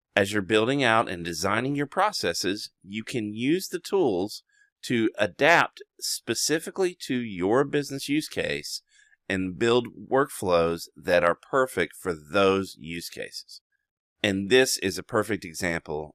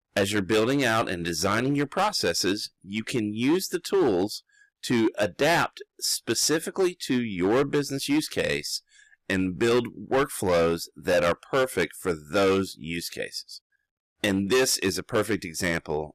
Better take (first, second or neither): first